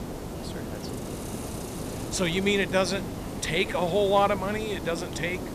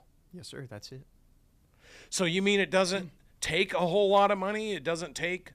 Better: second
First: hiss; loud; throughout; 9 dB below the speech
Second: none

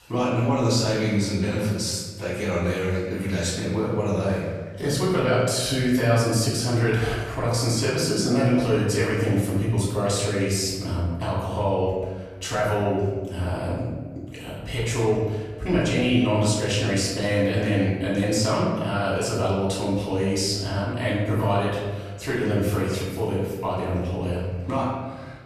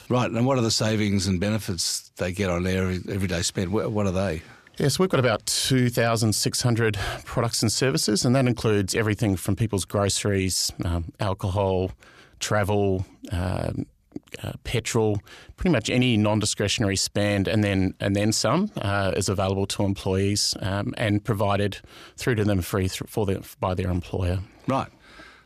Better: second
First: off-mic speech; far // room echo; noticeable; dies away in 1.2 s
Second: none

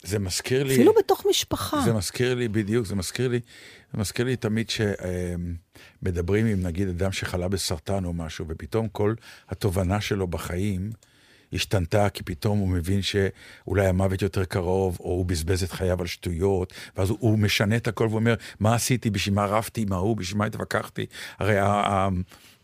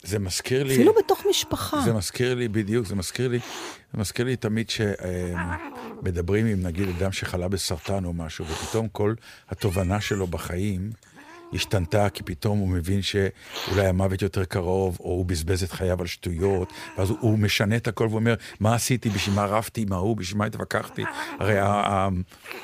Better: first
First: none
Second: hiss; noticeable; throughout; 15 dB below the speech

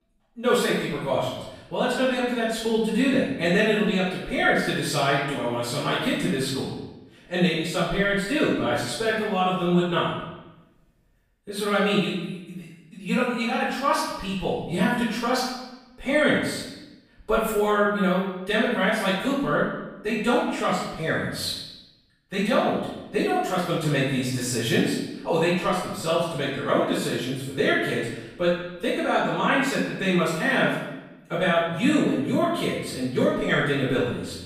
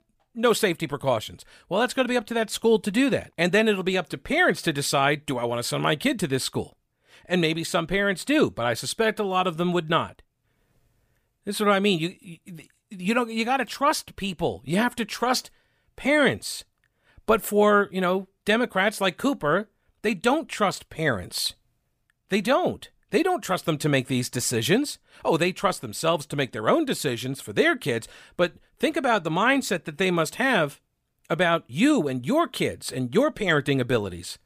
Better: second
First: room echo; strong; dies away in 0.9 s // off-mic speech; far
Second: none

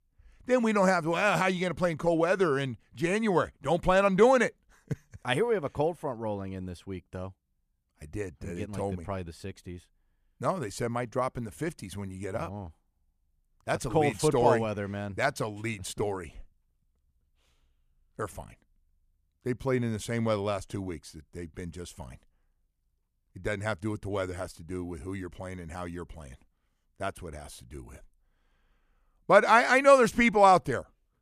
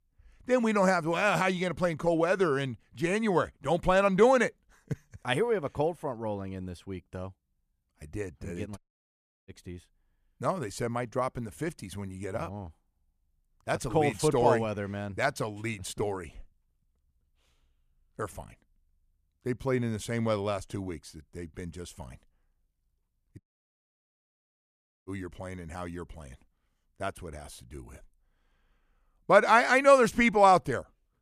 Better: first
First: none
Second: audio cutting out; at 9 s for 0.5 s and at 23 s for 1.5 s

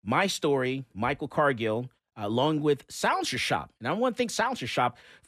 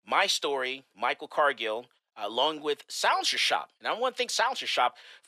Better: first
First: none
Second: thin; very; fading below 650 Hz

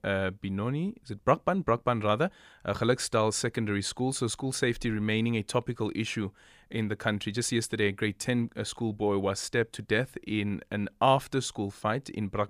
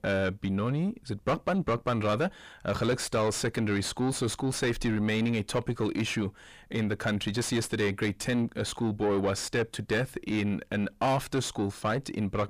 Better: first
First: none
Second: distortion; heavy; 7 dB below the speech

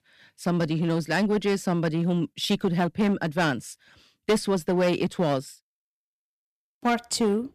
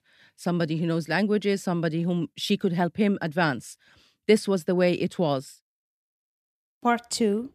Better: second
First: distortion; slight; 6% of the sound clipped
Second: none

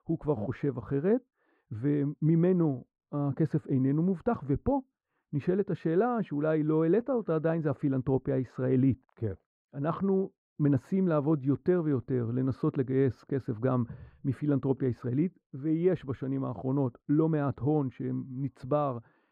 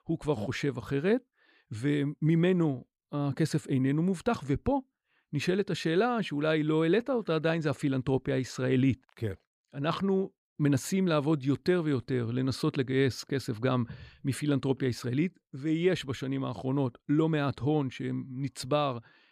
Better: second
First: muffled; very; fading above 2 kHz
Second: none

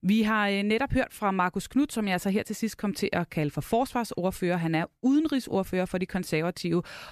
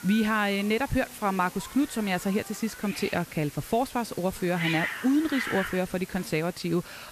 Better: first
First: none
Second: hiss; loud; throughout; 9 dB below the speech

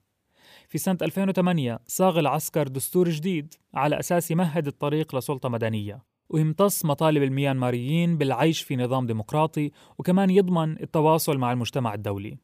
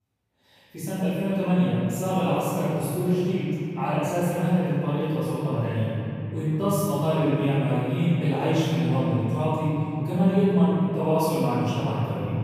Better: first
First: none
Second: off-mic speech; far // room echo; strong; dies away in 3 s

